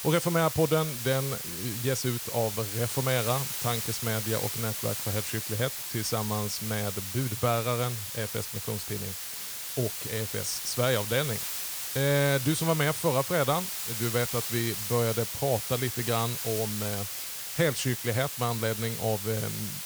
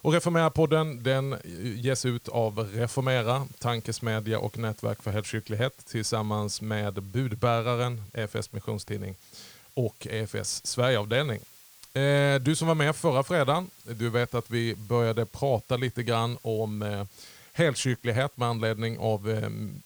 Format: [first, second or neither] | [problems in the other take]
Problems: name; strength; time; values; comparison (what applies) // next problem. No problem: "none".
second | hiss; loud; throughout; 2 dB below the speech; faint in the second